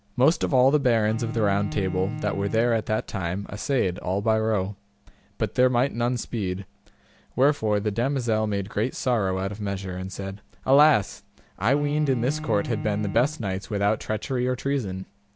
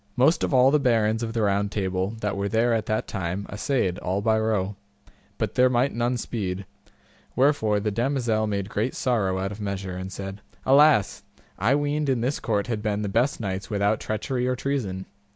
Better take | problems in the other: second | background sound (Bowed string instrument); 12 dB below the speech

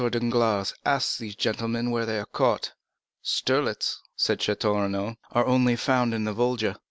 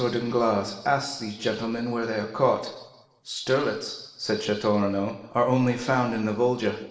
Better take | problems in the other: first | room echo; dies away in 1 s

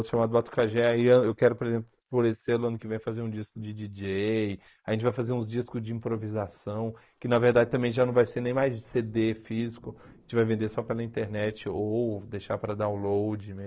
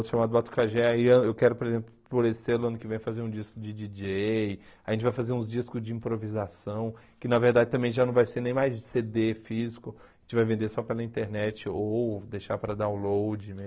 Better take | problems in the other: second | noise reduction (neural mask model Resemble Enhance denoiser)

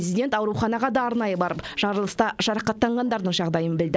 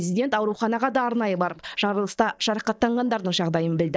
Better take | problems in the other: first | noise reduction (neural mask model DeepFilterNet 3)

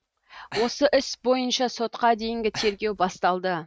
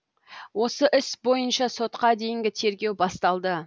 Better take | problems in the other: second | noise reduction (neural mask model RNNoise)

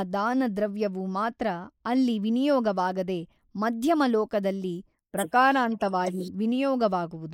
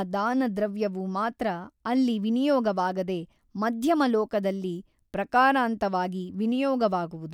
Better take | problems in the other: second | noise reduction (neural mask model Resemble Enhance denoiser)

